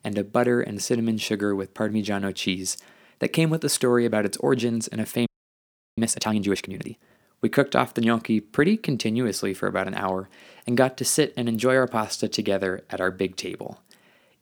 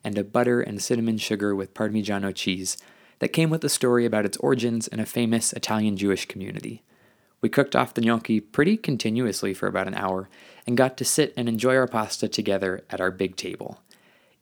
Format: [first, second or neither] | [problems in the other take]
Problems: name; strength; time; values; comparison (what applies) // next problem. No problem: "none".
second | audio freezing; at 5.5 s for 0.5 s